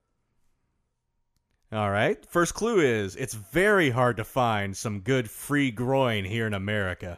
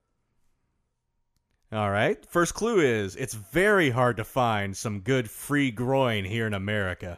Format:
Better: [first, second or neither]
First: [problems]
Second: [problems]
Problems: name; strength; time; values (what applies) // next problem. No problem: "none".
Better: neither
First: none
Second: none